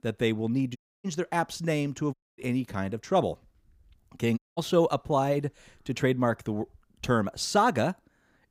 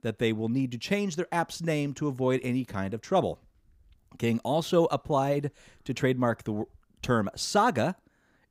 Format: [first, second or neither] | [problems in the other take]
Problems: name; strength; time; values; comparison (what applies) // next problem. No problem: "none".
second | audio cutting out; at 1 s, at 2 s and at 4.5 s